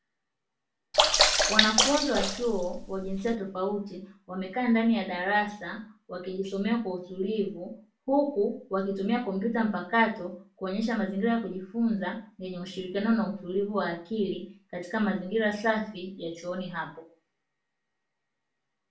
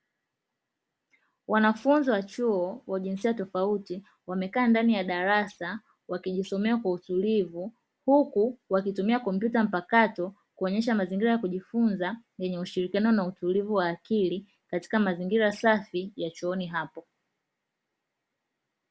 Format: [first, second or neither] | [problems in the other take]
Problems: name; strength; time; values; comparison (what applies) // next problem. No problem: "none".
second | background sound (Sink (filling or washing) / Water / Splash, splatter); 4 dB above the speech // room echo; dies away in 0.3 s